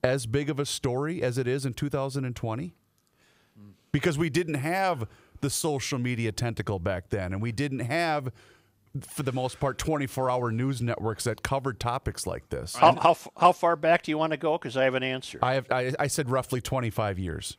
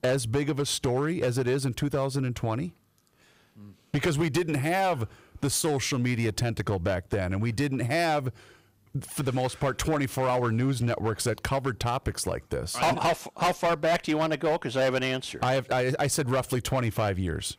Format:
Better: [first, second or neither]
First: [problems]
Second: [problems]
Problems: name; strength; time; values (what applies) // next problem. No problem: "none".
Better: first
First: none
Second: distortion; heavy; 9% of the sound clipped